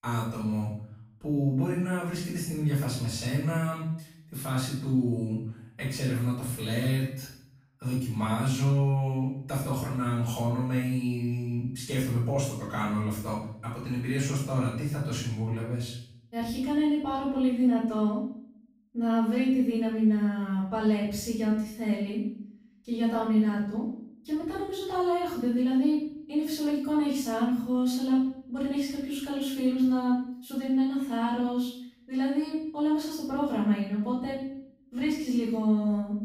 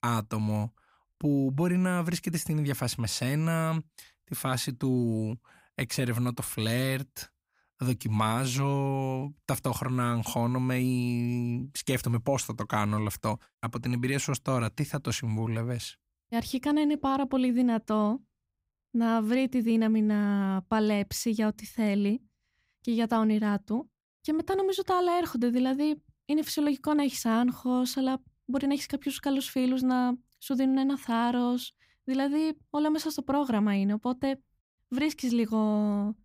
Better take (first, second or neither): second